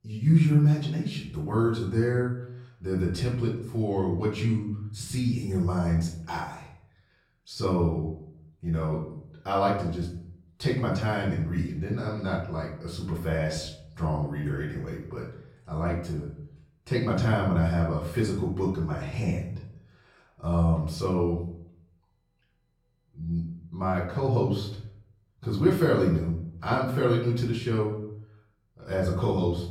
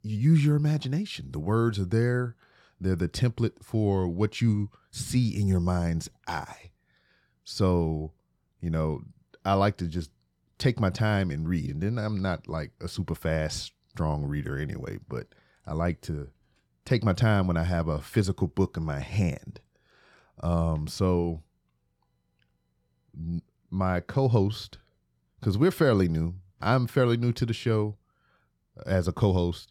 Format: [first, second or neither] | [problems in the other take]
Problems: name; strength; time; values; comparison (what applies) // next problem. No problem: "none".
second | off-mic speech; far // room echo; noticeable; dies away in 0.5 s